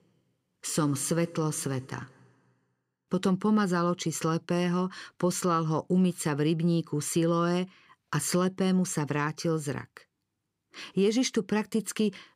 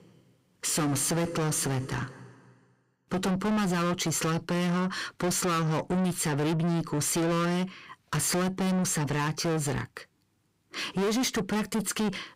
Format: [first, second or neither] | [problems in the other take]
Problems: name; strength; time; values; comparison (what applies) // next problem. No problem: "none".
first | distortion; heavy; 6 dB below the speech